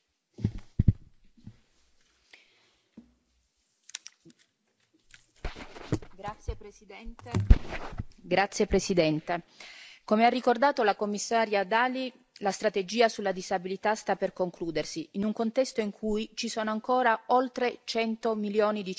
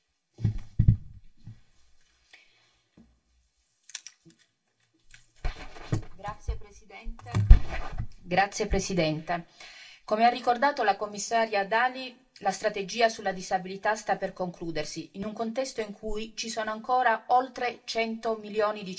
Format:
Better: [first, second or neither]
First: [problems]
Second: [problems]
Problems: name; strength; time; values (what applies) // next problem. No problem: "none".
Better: first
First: none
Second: room echo; dies away in 0.2 s